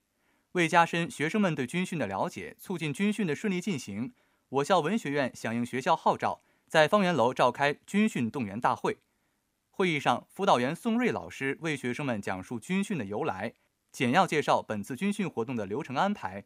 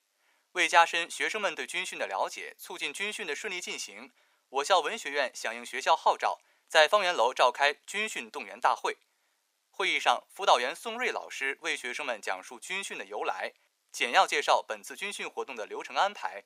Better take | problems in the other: first | thin; very; fading below 500 Hz

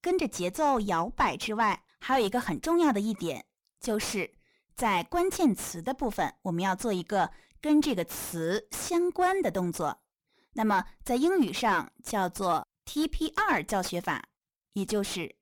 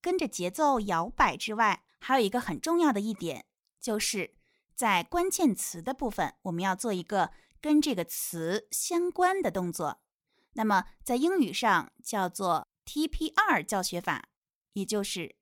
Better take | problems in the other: second | distortion; slight; 10 dB below the speech

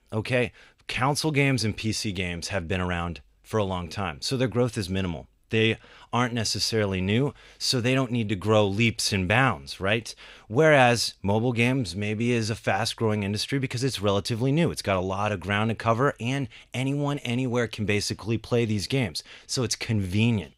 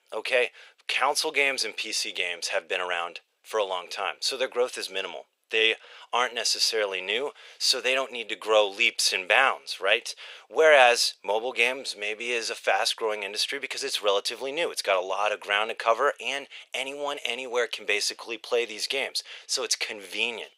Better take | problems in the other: first | thin; very; fading below 500 Hz

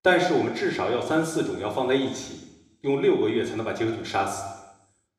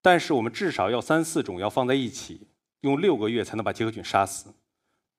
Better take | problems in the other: second | room echo; noticeable; dies away in 0.9 s // off-mic speech; somewhat distant

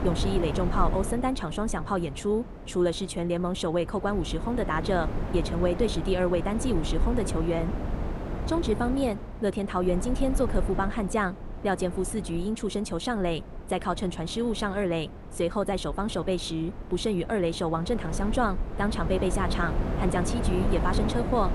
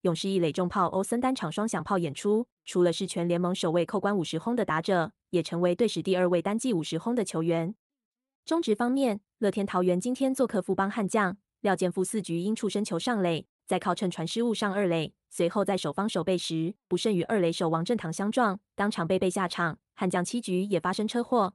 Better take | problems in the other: second | wind noise on the microphone; heavy; 10 dB below the speech

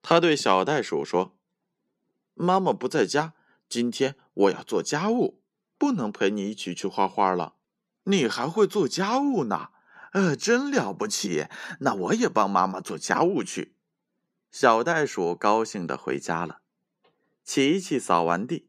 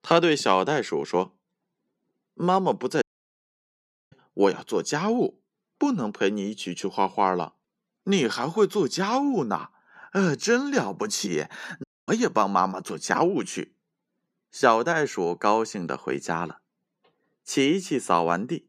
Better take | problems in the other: first | audio cutting out; at 3 s for 1 s and at 12 s

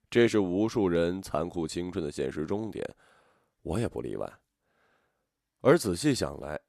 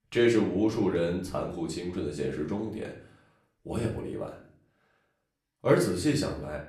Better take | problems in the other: first | room echo; slight; dies away in 0.5 s // off-mic speech; far

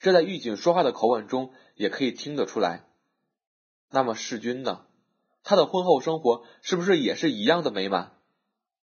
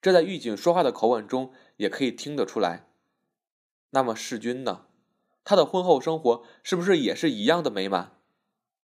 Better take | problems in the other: second | garbled, watery; badly; nothing above 6.5 kHz

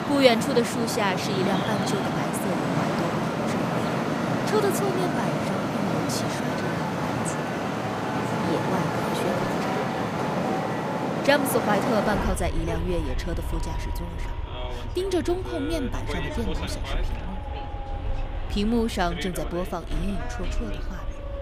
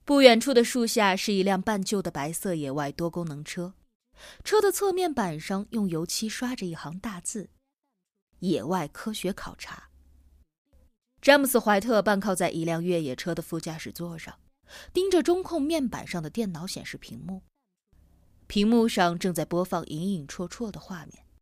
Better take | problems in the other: second | traffic noise; very loud; throughout; as loud as the speech

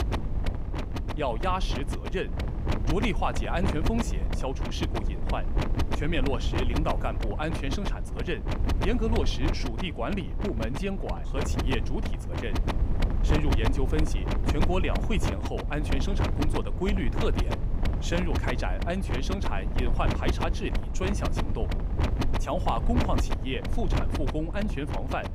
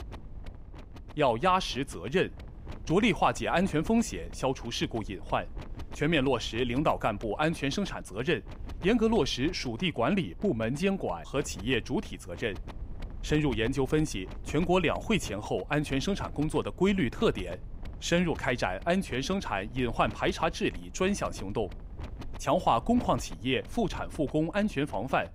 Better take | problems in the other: second | wind noise on the microphone; heavy; 3 dB below the speech; occasional gusts in the second

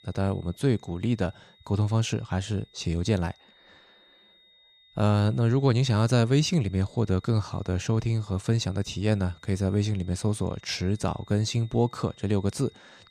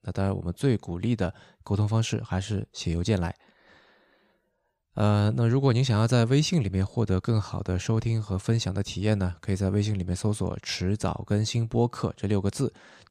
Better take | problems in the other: second | high-pitched whine; faint; throughout; 3.5 kHz, 30 dB below the speech

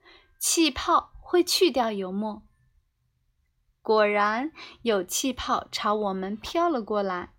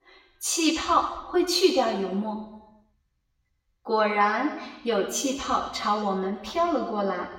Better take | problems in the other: first | room echo; noticeable; dies away in 1 s // off-mic speech; far

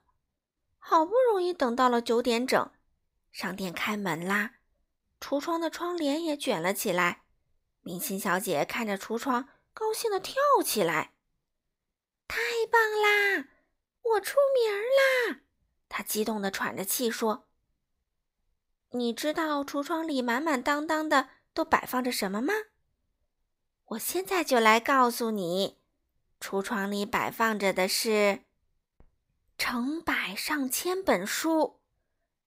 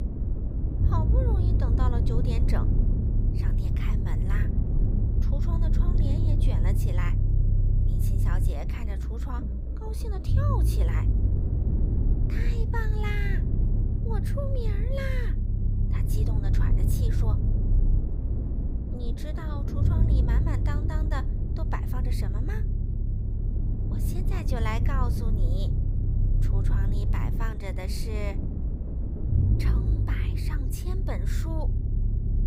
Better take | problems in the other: first | low rumble; loud; throughout; 2 dB below the speech

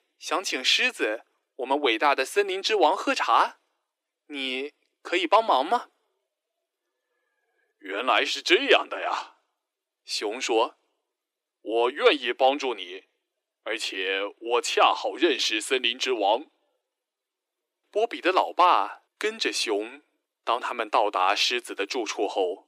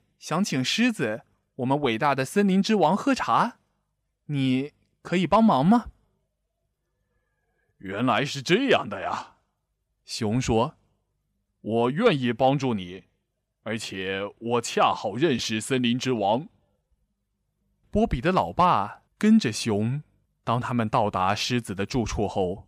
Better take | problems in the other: second | thin; very; fading below 300 Hz

